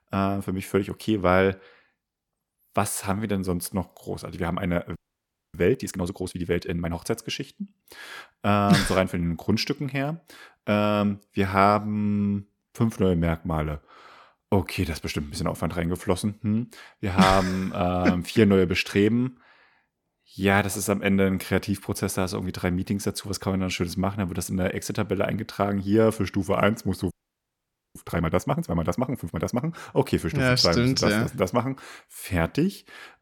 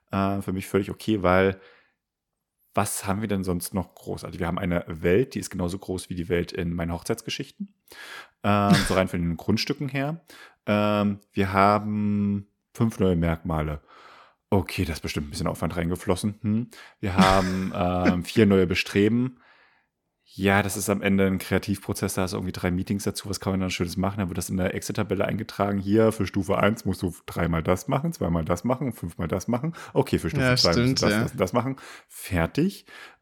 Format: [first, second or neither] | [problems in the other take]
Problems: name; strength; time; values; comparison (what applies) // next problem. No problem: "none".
second | audio freezing; at 5 s for 0.5 s and at 27 s for 1 s